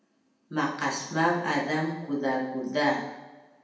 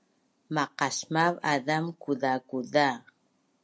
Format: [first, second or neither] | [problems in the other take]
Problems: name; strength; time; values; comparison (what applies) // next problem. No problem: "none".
second | room echo; dies away in 0.9 s